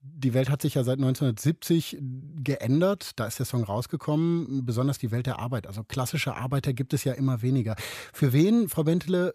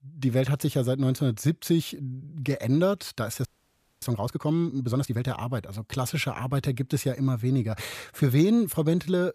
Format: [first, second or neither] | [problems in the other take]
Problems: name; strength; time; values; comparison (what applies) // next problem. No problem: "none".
first | audio freezing; at 3.5 s for 0.5 s